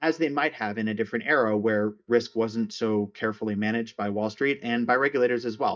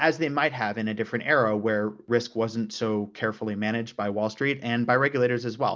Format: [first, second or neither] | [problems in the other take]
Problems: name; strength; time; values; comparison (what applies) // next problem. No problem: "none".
second | noise reduction (neural mask model DeepFilterNet 3)